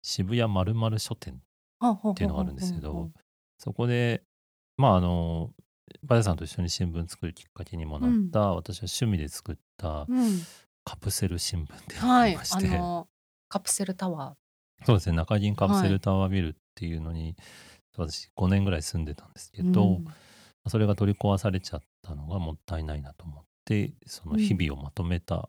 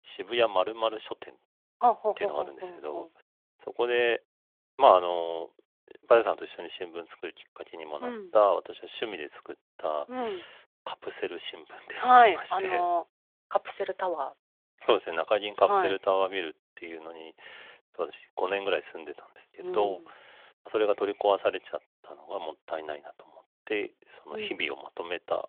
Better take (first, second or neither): first